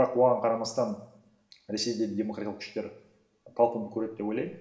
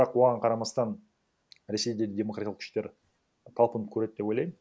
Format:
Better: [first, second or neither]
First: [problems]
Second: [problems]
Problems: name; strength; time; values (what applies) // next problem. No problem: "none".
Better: second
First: room echo; dies away in 0.7 s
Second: none